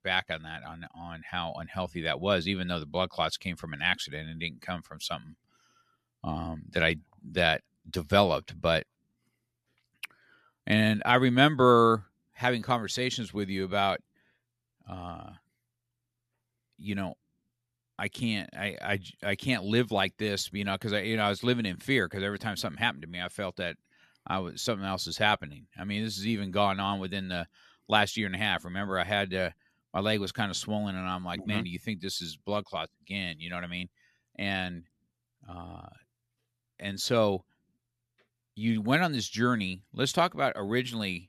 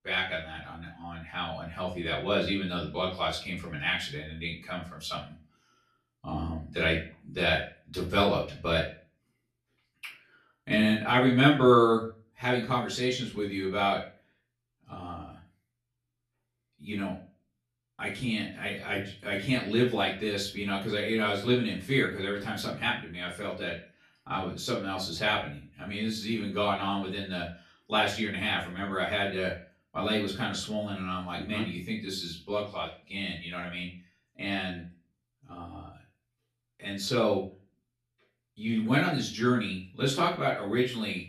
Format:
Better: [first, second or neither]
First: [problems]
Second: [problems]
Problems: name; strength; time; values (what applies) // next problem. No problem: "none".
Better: first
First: none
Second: room echo; slight; dies away in 0.3 s // off-mic speech; far